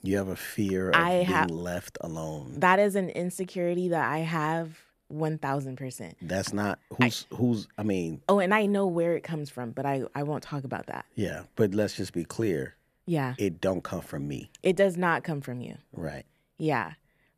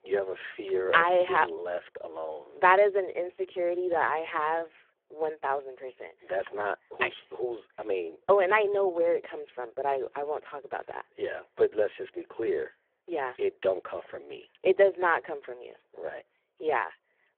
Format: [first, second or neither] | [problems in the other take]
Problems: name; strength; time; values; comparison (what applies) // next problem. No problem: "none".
first | phone-call audio; poor line